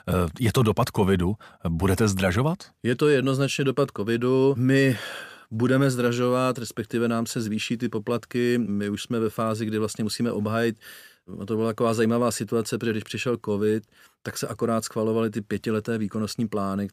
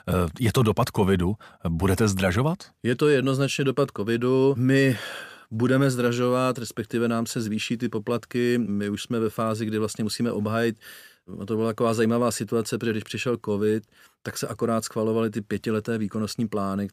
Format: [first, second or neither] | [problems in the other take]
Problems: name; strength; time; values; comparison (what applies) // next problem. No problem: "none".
neither | none